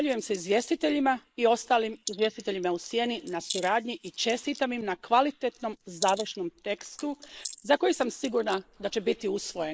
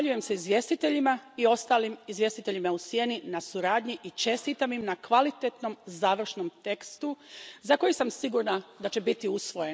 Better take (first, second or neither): second